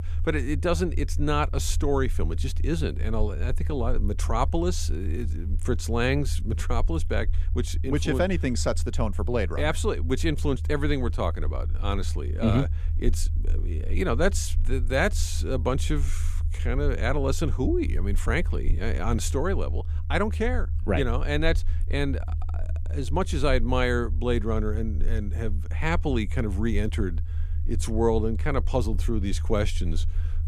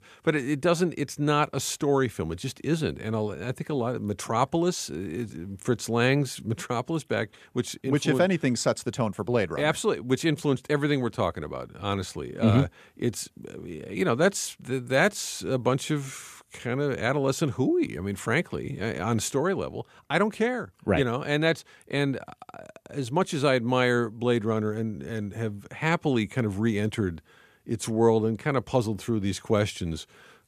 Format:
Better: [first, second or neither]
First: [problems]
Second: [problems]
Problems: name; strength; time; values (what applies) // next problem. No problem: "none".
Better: second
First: low rumble; noticeable; throughout; 20 dB below the speech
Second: none